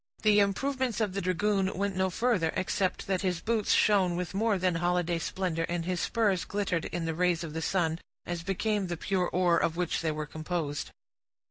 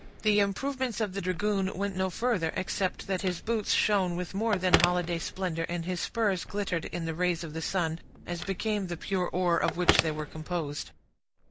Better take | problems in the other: first | background sound (Telephone); 8 dB below the speech

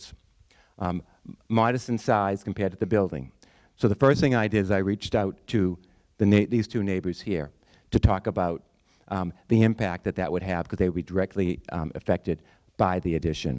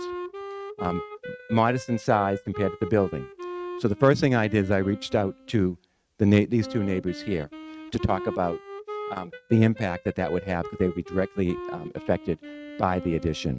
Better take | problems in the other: first | noise reduction (neural mask model RNNoise)

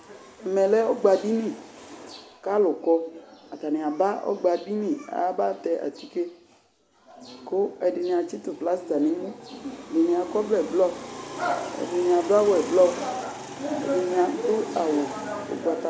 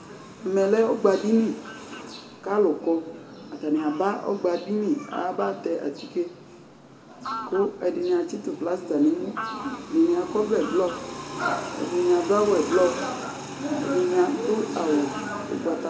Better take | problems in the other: first | background sound (Fowl); 17 dB below the speech // room echo; dies away in 1.1 s

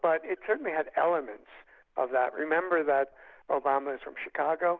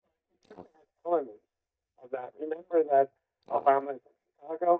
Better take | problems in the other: first | noise reduction (neural mask model DeepFilterNet 3)

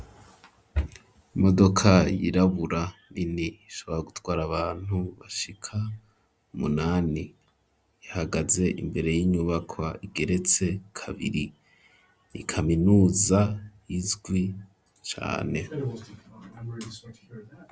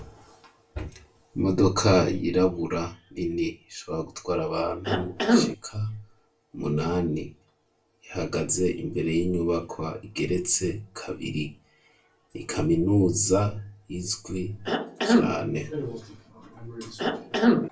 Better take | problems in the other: first | background sound (Cough); 3 dB above the speech // room echo; dies away in 0.2 s

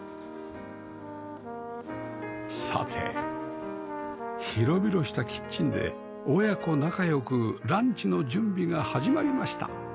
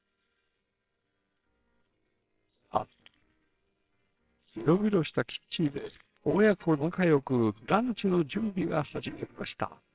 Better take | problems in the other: first | noise reduction (neural separator model SepFormer WHAMR!)

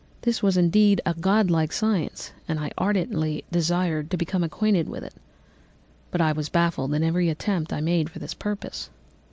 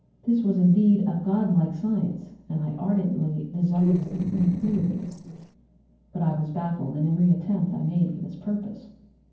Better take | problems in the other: first | noise reduction (neural separator model SepFormer DNS4)

